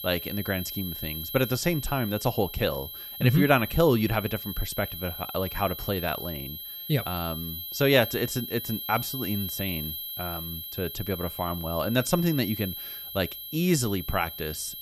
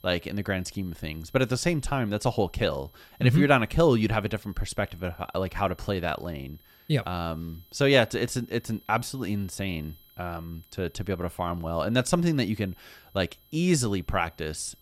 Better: second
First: high-pitched whine; loud; throughout; 11.5 kHz, 7 dB below the speech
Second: high-pitched whine; faint; throughout; 11.5 kHz, 30 dB below the speech

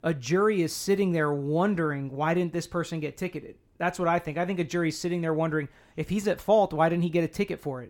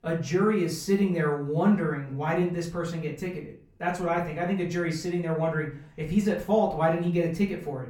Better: first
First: none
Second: off-mic speech; far // room echo; slight; dies away in 0.4 s

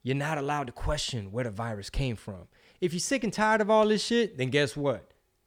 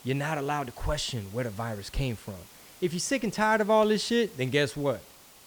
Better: first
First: none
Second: hiss; faint; throughout; 20 dB below the speech

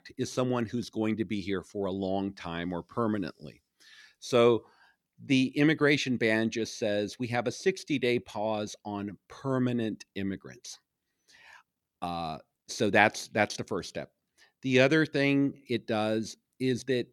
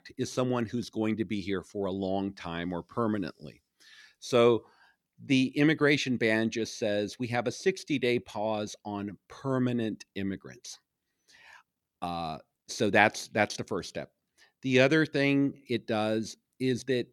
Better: neither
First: none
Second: none

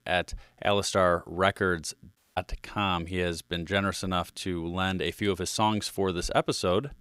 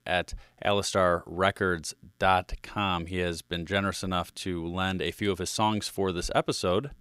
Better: second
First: audio cutting out; at 2 s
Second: none

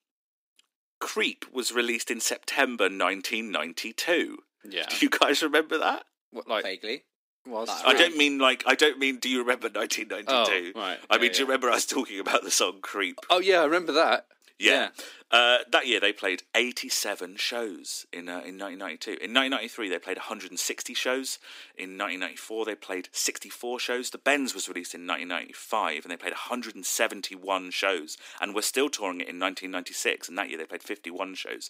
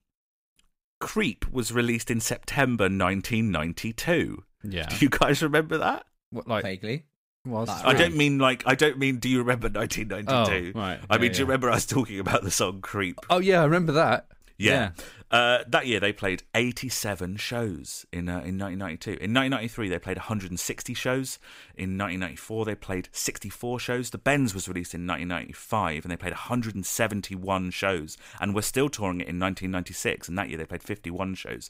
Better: second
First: thin; somewhat; fading below 250 Hz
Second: none

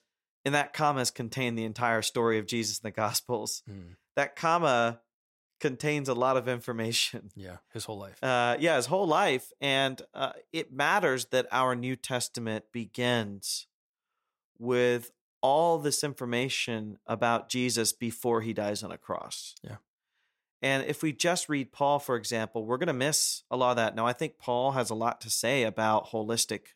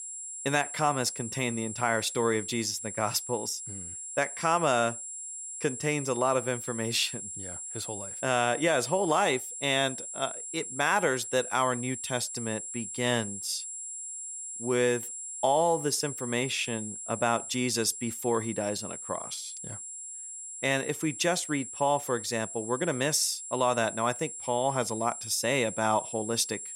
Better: first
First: none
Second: high-pitched whine; loud; throughout; 7.5 kHz, 8 dB below the speech

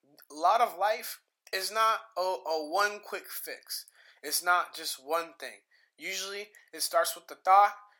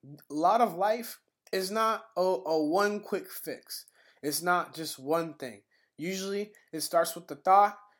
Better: second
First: thin; very; fading below 750 Hz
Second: none

